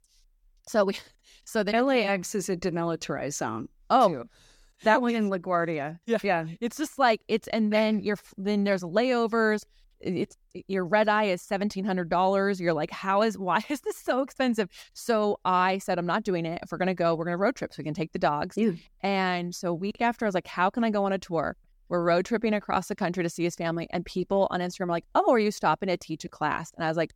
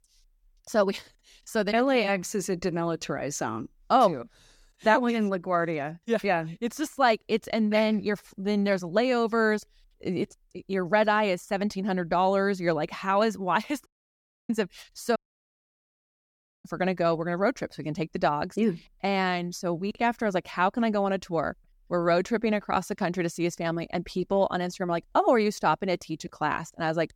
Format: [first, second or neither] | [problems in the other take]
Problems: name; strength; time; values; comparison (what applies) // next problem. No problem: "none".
first | audio cutting out; at 14 s for 0.5 s and at 15 s for 1.5 s